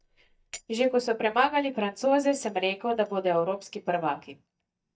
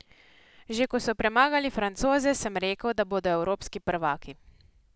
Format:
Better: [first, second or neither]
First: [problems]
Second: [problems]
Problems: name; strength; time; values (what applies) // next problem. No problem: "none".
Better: second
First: noise reduction (neural mask model DeepFilterNet 3)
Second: none